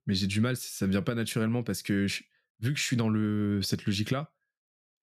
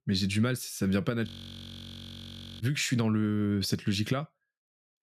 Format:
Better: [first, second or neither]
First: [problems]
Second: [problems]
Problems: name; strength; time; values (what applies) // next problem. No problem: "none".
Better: first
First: none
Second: audio freezing; at 1.5 s for 1.5 s